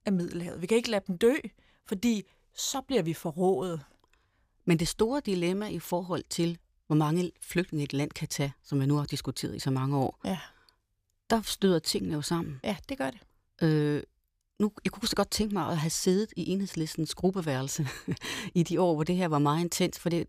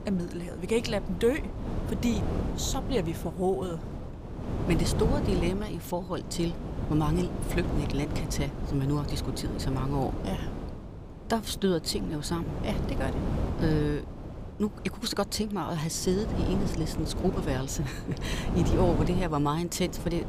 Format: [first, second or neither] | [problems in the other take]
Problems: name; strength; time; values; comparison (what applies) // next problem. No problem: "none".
first | wind noise on the microphone; heavy; 7 dB below the speech